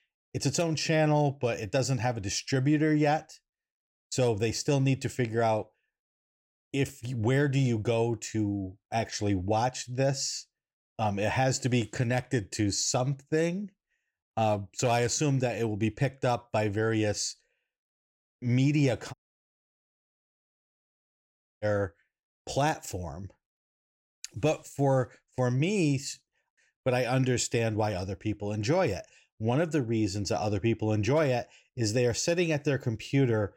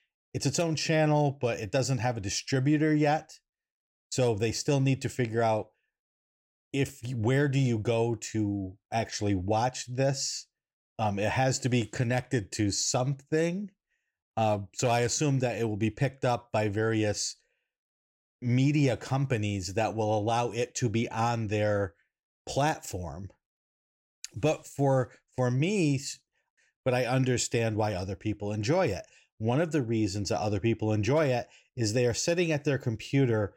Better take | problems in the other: second | audio cutting out; at 19 s for 2.5 s

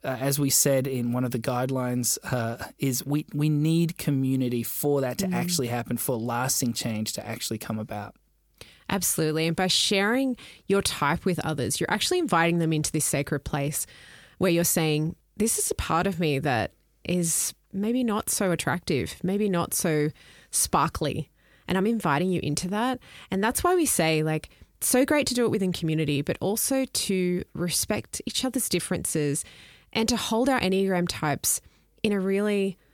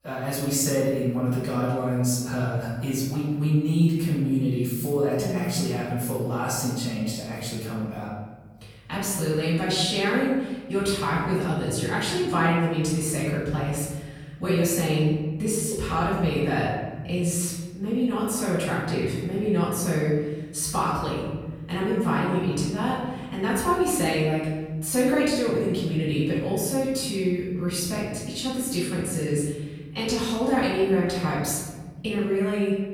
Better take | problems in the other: first | off-mic speech; far // room echo; noticeable; dies away in 1.6 s

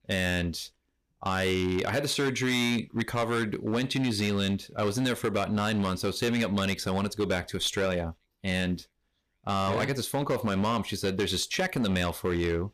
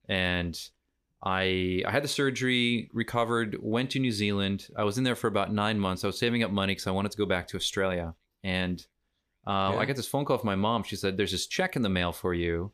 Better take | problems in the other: second | distortion; slight; 10% of the sound clipped

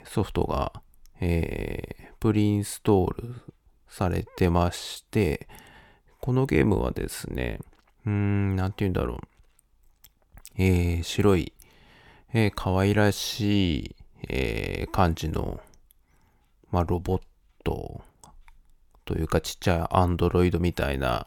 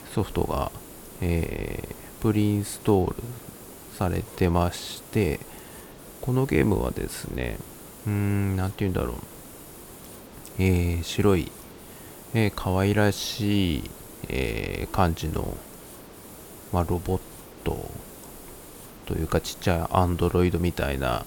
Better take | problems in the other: first | hiss; noticeable; throughout; 15 dB below the speech

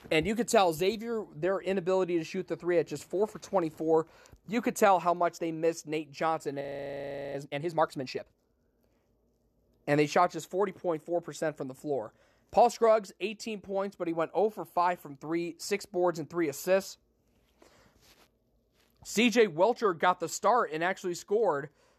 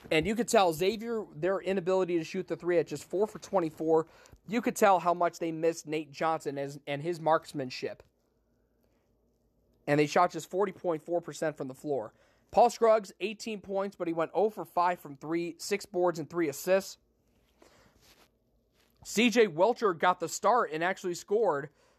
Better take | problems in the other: second | audio freezing; at 6.5 s for 0.5 s

